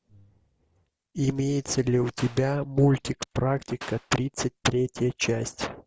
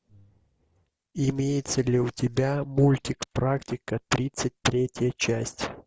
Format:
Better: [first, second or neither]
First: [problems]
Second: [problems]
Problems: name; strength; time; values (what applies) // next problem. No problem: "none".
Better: second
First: background sound (Clapping); 16 dB below the speech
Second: none